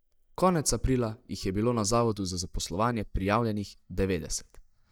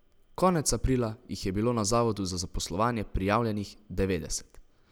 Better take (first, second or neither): second